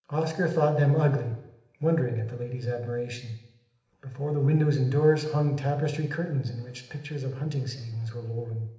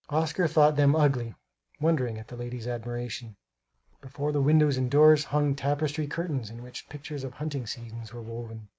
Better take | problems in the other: second | room echo; dies away in 0.8 s

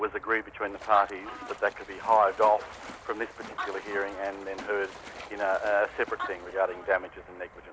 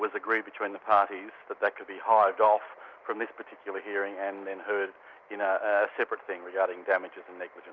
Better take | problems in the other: second | background sound (Splash, splatter + Animal); 14 dB below the speech

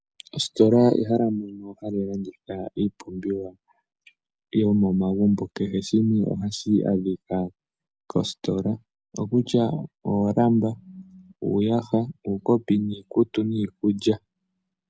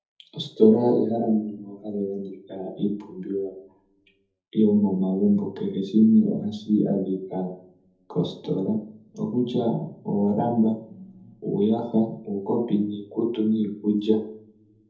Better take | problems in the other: first | room echo; dies away in 0.7 s

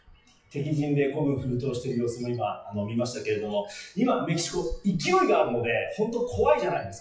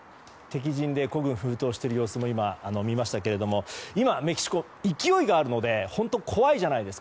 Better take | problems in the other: second | noise reduction (classical method WPE with log-MMSE)

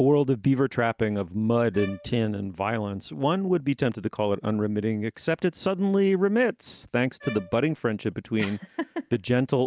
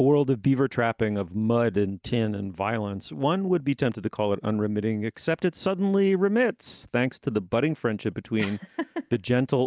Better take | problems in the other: second | background sound (Bowed string instrument); 20 dB below the speech

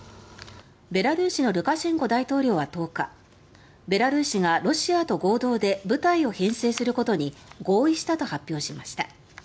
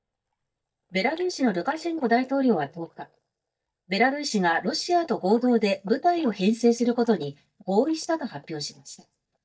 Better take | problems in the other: first | noise reduction (neural mask model DeepFilterNet 3)

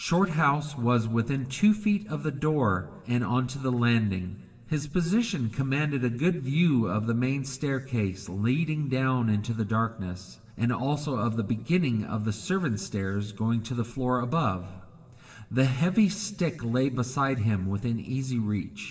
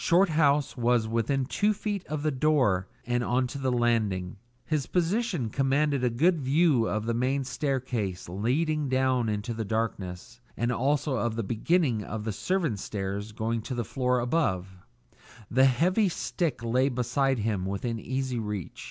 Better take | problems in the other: second | room echo; dies away in 2.3 s

